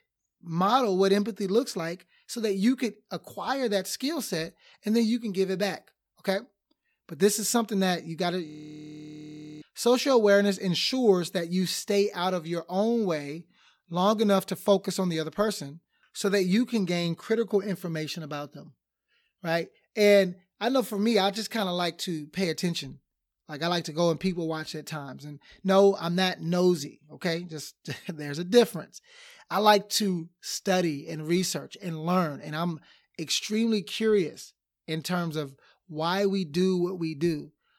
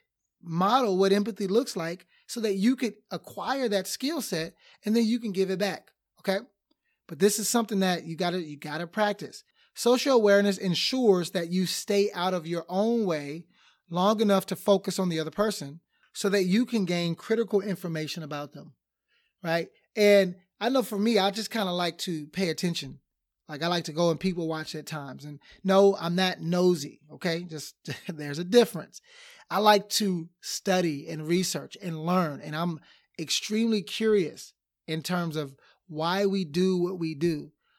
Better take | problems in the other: second | audio freezing; at 8.5 s for 1 s

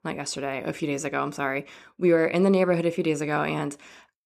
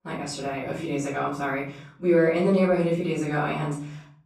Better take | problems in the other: first | off-mic speech; far // room echo; noticeable; dies away in 0.6 s

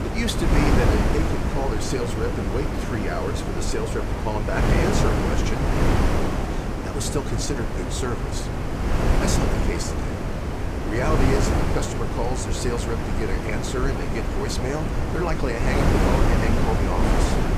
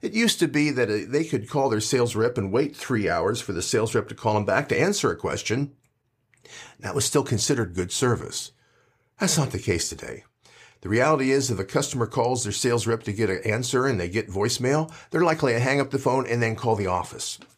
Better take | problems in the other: second | wind noise on the microphone; heavy; 2 dB above the speech

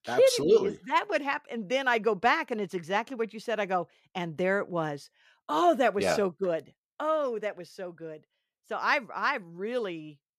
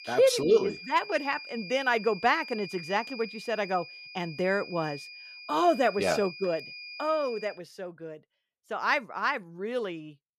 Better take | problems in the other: first | high-pitched whine; noticeable; until 7.5 s; 2.5 kHz, 15 dB below the speech

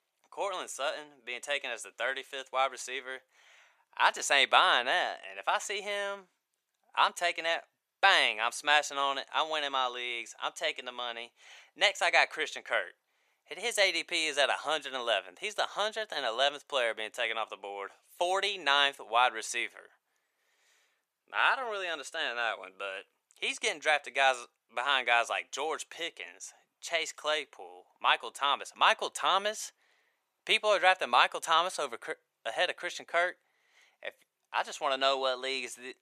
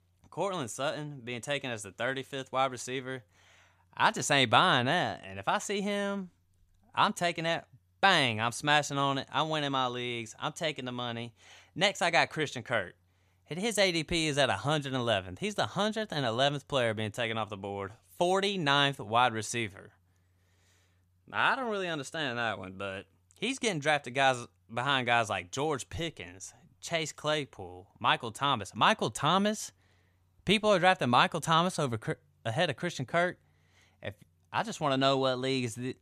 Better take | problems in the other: second | thin; very; fading below 450 Hz

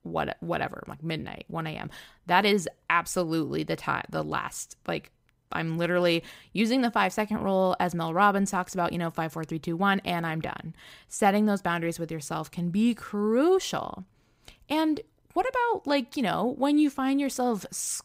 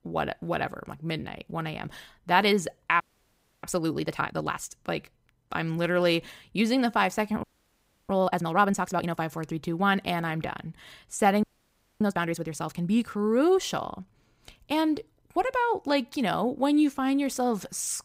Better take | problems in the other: first | audio freezing; at 3 s for 0.5 s, at 7.5 s for 0.5 s and at 11 s for 0.5 s

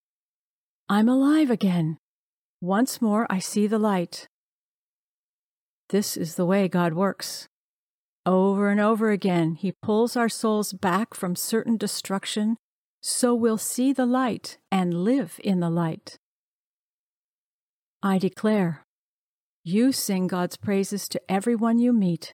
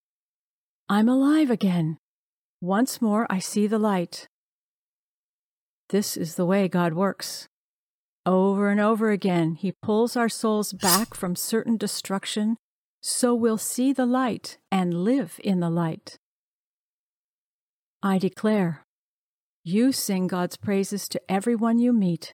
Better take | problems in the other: first | clattering dishes; loud; at 11 s; peak 1 dB above the speech

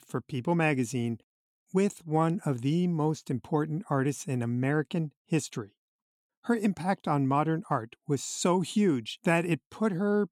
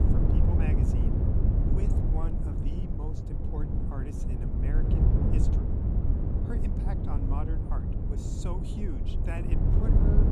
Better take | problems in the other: first | wind noise on the microphone; heavy; 4 dB above the speech

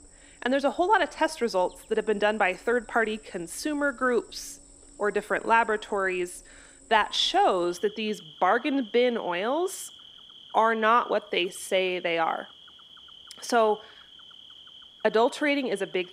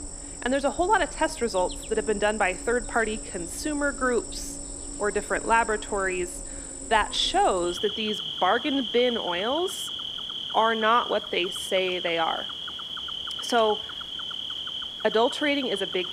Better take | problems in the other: first | animal sounds; loud; throughout; 6 dB below the speech; faint in the first

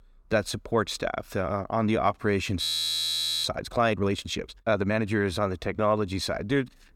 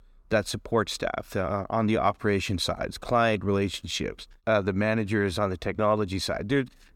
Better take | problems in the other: second | audio freezing; at 2.5 s for 1 s

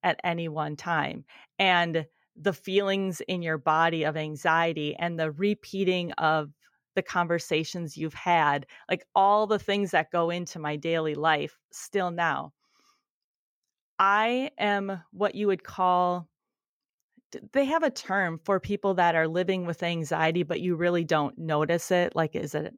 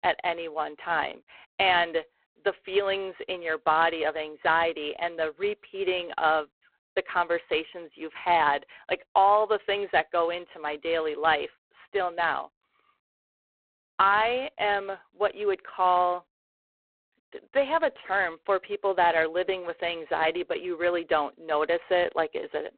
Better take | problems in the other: first | phone-call audio; poor line

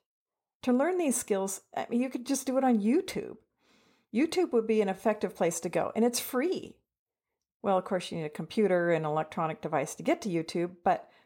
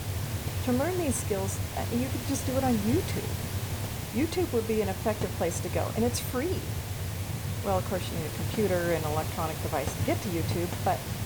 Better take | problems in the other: first | hiss; loud; throughout; 2 dB below the speech

